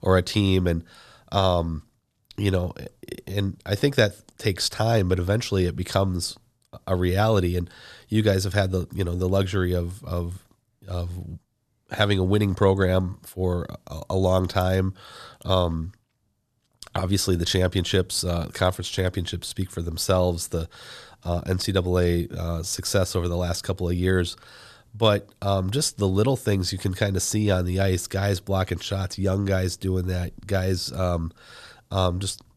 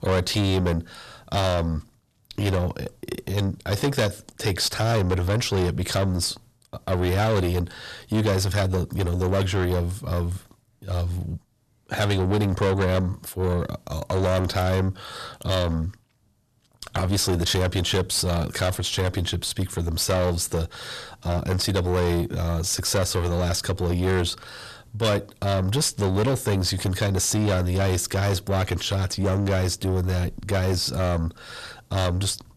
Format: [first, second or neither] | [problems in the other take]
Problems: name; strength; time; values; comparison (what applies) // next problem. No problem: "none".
first | distortion; heavy; 7 dB below the speech